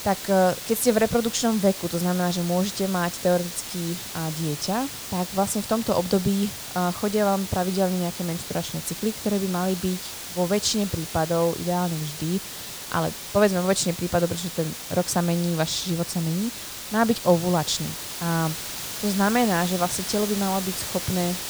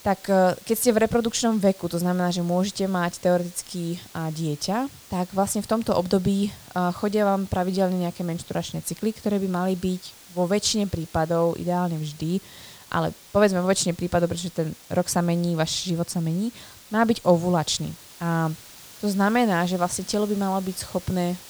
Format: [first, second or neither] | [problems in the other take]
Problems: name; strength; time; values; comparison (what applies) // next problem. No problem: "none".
second | hiss; loud; throughout; 7 dB below the speech; faint in the second